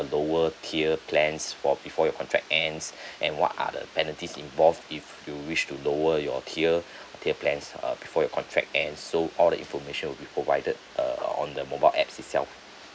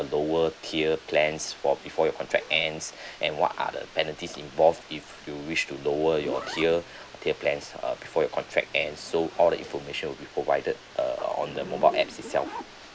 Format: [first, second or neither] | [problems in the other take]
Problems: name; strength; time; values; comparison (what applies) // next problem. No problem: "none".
first | background sound (Zipper (clothing)); 18 dB below the speech